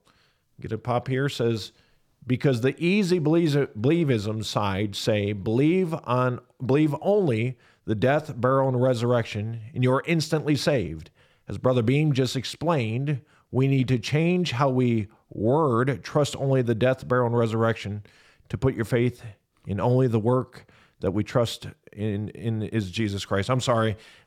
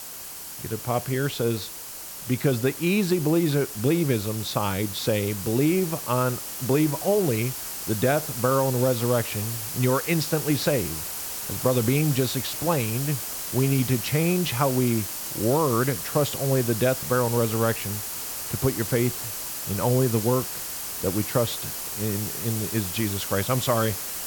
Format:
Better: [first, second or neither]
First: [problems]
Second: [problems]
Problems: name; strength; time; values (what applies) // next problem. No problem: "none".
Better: first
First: none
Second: hiss; loud; throughout; 5 dB below the speech